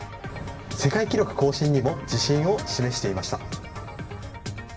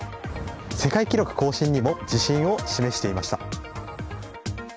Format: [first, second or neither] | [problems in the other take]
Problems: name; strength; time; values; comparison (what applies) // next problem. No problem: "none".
second | background sound (Bird vocalization, bird call, bird song); 18 dB below the speech // room echo; dies away in 1.8 s